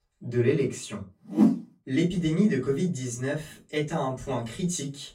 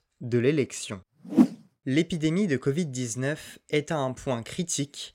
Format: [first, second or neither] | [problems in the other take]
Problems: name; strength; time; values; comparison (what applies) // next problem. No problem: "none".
second | off-mic speech; far // room echo; very slight; dies away in 0.2 s